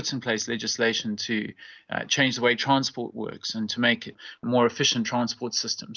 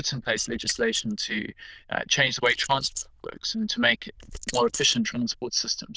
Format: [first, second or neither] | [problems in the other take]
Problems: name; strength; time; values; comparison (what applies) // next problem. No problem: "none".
first | noise reduction (neural diffusion model UNIVERSE++)